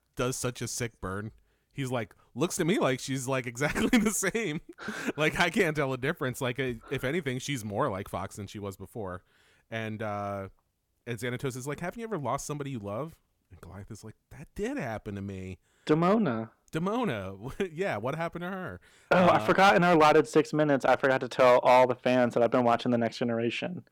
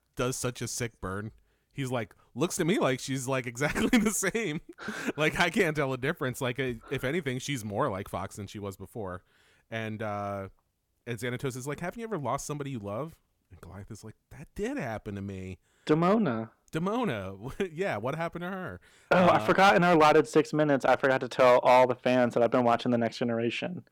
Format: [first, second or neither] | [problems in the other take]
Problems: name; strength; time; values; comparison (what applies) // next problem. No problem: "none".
neither | distortion; slight; 1.2% of the sound clipped; the same in both